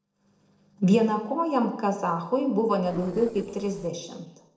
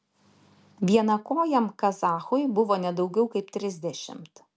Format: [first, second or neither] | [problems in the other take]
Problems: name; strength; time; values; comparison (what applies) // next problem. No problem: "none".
second | noise reduction (neural separator model SepFormer DNS4)